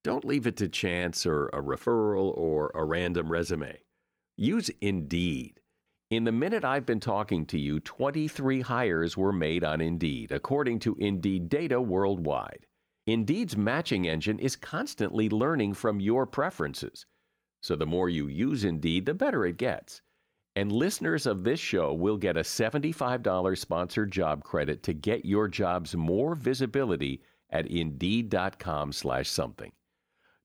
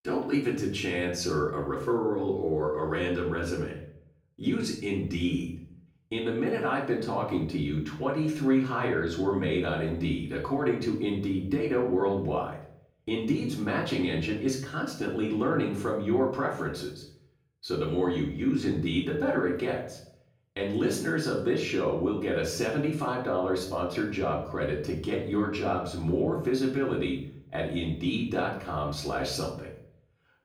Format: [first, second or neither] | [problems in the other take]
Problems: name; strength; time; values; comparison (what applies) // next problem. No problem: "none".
first | off-mic speech; far // room echo; noticeable; dies away in 0.6 s